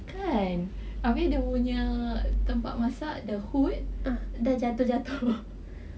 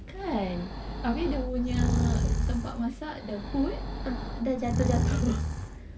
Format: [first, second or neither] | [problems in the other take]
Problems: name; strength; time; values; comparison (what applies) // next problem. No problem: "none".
first | background sound (Breathing); as loud as the speech